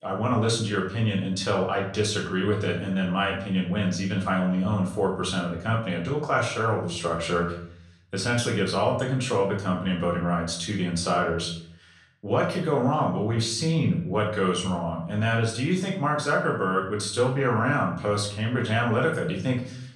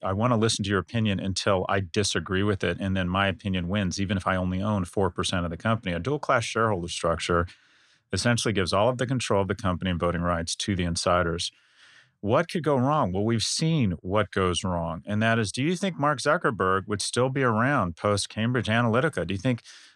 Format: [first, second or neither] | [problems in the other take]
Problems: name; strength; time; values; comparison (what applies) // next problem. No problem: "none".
second | room echo; noticeable; dies away in 0.5 s // off-mic speech; far